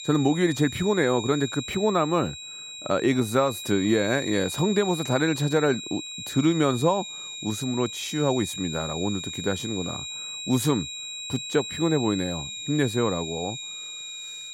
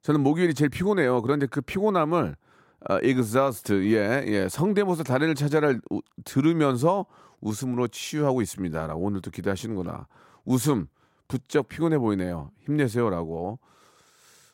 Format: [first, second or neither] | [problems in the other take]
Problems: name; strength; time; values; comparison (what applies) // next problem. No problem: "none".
second | high-pitched whine; loud; throughout; 4 kHz, 8 dB below the speech